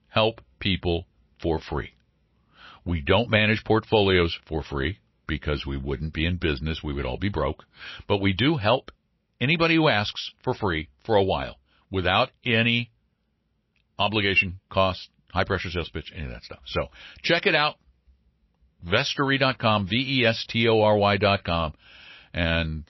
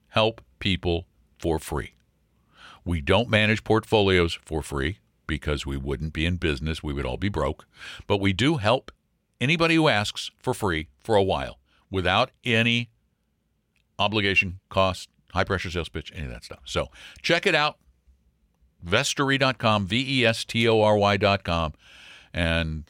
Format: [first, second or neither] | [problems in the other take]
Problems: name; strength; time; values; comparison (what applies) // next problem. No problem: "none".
second | garbled, watery; slightly; nothing above 5.5 kHz